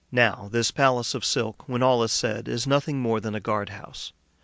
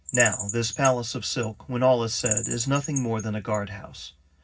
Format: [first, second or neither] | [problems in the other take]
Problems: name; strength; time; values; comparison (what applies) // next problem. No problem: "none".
first | background sound (Bird vocalization, bird call, bird song); 8 dB below the speech // room echo; dies away in 0.4 s